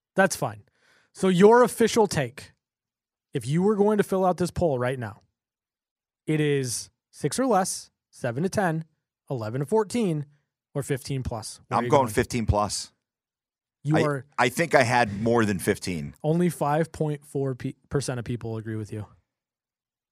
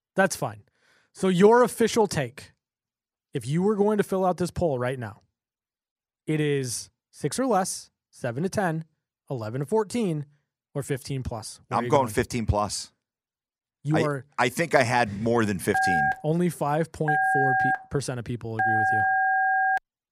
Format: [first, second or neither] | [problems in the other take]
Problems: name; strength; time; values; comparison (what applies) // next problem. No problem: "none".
first | phone ringing; loud; from 16 s on; peak 4 dB above the speech